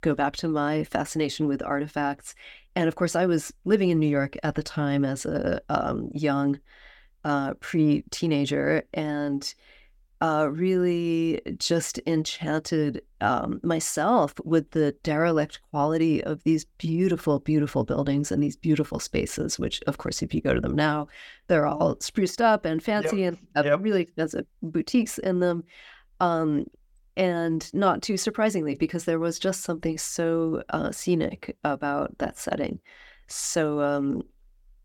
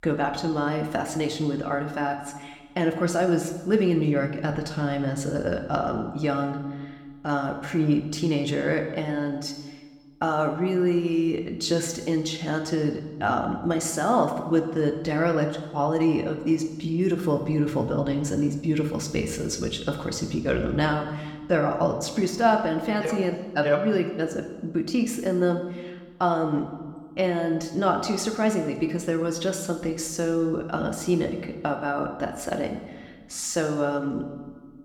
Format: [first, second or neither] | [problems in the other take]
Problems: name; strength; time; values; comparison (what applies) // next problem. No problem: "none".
first | room echo; slight; dies away in 1.1 s